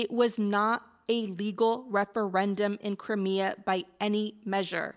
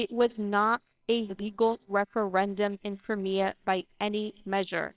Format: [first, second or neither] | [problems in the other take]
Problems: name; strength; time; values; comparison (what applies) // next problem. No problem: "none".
first | noise reduction (neural separator model SepFormer WHAMR!)